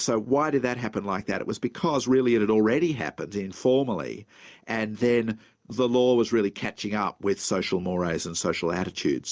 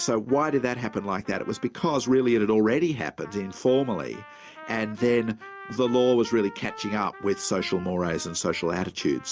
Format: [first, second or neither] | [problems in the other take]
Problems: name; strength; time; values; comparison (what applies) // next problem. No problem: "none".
first | background sound (Trumpet); 19 dB below the speech